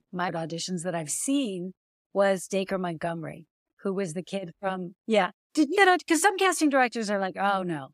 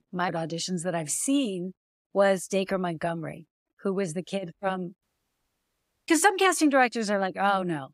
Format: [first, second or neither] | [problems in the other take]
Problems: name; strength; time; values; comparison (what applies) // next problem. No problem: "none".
first | audio cutting out; at 5 s for 1 s